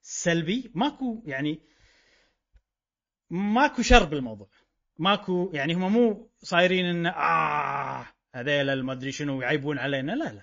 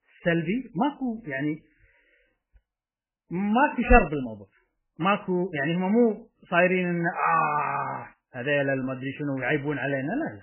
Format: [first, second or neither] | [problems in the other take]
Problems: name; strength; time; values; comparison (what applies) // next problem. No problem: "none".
first | garbled, watery; badly; nothing above 2.5 kHz; slightly in the first